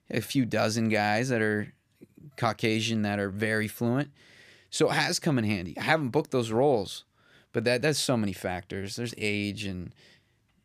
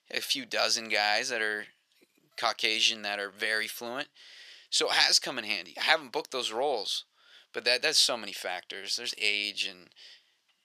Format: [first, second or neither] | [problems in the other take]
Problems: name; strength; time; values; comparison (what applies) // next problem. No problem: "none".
first | thin; very; fading below 650 Hz